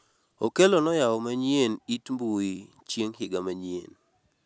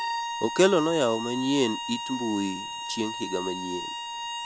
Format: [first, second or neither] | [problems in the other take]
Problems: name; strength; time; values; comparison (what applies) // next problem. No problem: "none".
first | background sound (Bowed string instrument); 6 dB below the speech